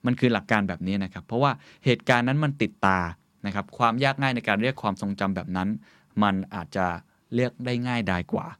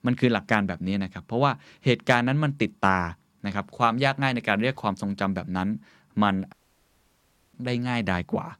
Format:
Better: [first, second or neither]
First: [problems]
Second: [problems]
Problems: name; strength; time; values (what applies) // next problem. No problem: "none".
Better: first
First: none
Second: audio cutting out; at 6.5 s for 1 s